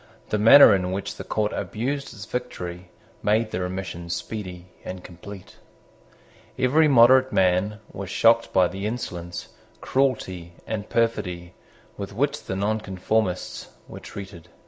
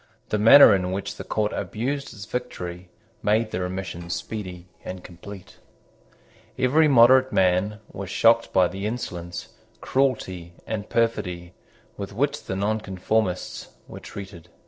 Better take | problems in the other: first | noise reduction (neural separator model SepFormer DNS4)

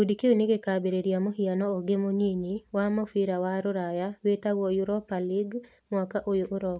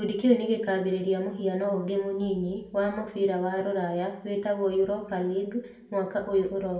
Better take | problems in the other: first | room echo; dies away in 0.6 s

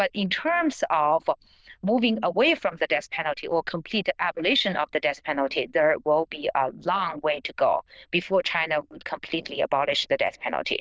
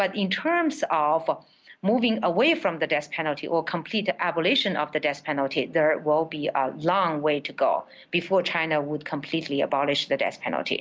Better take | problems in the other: second | noise reduction (neural diffusion model UNIVERSE++)

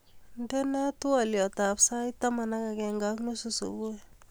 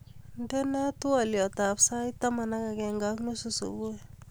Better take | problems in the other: first | background sound (Idling / Motorcycle); 20 dB below the speech

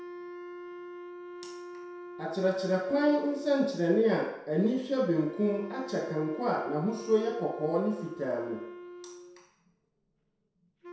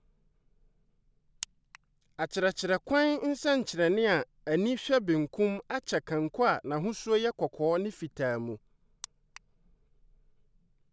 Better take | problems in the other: second | background sound (Wind instrument, woodwind instrument); 14 dB below the speech // room echo; dies away in 0.7 s

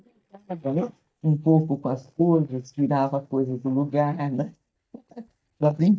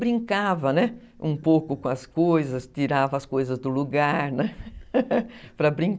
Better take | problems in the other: second | noise reduction (neural mask model DeepFilterNet 3)

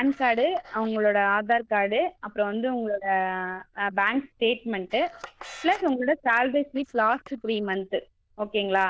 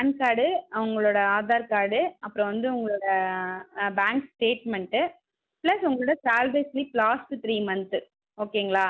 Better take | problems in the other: second | noise reduction (neural diffusion model UNIVERSE++)

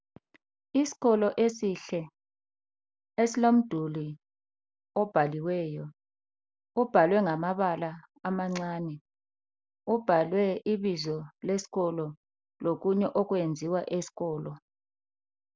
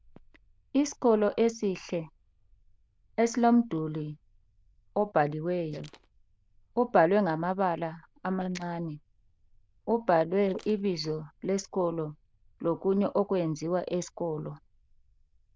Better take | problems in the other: first | noise reduction (neural diffusion model UNIVERSE++)

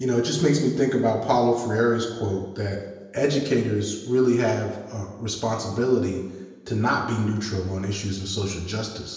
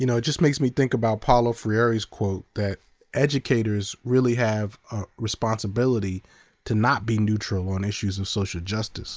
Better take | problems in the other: second | room echo; dies away in 1 s

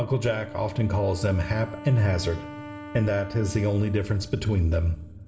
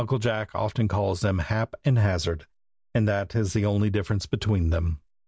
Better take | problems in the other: second | background sound (Wind instrument, woodwind instrument); 16 dB below the speech // room echo; dies away in 2.8 s

